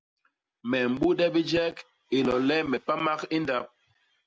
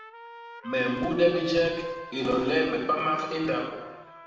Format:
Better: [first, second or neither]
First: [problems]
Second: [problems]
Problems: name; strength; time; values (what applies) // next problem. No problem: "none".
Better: first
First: none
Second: background sound (Trumpet); 17 dB below the speech // room echo; dies away in 1.2 s